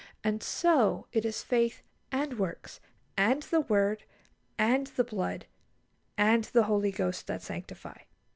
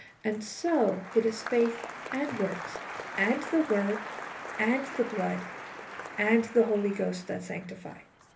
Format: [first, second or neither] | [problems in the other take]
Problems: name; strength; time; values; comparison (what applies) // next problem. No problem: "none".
first | background sound (Applause); 11 dB below the speech // room echo; dies away in 0.3 s